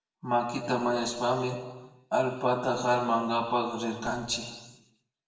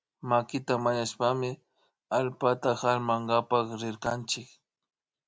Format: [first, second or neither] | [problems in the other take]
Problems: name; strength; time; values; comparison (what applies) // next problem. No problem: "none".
second | room echo; dies away in 1.2 s